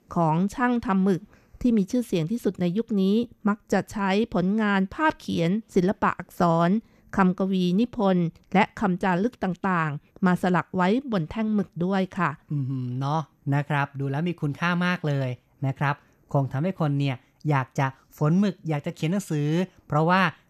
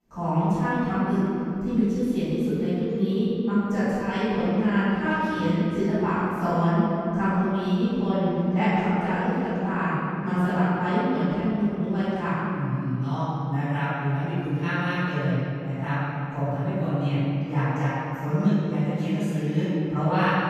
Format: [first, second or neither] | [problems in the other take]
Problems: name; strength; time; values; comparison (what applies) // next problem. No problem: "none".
first | off-mic speech; far // room echo; strong; dies away in 2.6 s